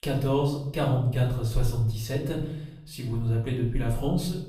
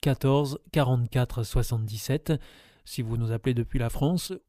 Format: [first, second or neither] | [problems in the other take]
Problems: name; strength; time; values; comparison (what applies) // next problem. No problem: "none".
second | room echo; noticeable; dies away in 0.6 s // off-mic speech; far